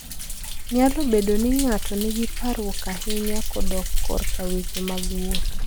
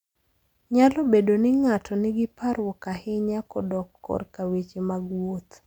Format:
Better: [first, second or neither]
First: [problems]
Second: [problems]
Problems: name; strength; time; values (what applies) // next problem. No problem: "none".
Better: second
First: background sound (Thunder); 2 dB above the speech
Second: none